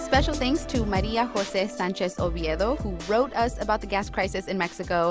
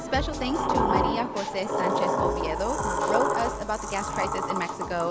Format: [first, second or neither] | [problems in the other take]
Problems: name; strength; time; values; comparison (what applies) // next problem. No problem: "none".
first | background sound (Sliding door); 2 dB above the speech